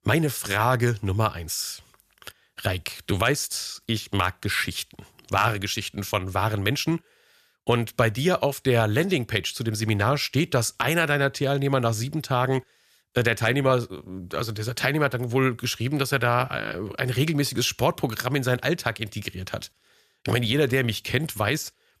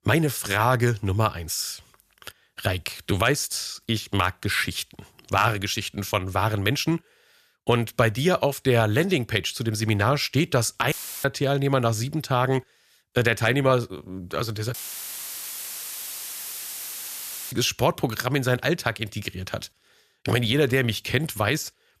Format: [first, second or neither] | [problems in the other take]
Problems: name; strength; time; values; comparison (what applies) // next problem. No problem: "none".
first | audio cutting out; filled with static; at 11 s and at 15 s for 3 s